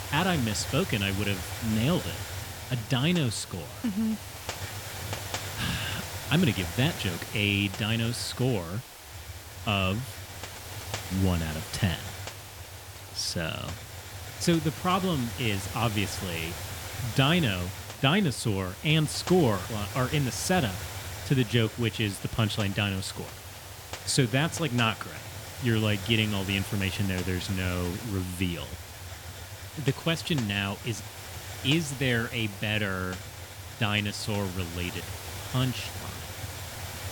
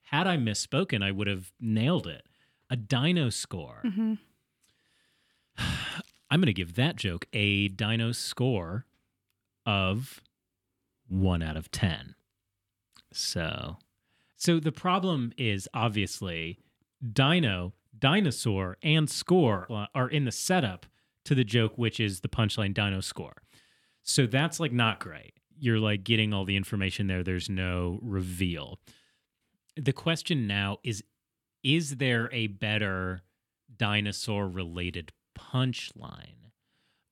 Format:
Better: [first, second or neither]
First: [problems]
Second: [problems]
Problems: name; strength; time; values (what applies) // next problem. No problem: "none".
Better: second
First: hiss; loud; throughout; 9 dB below the speech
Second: none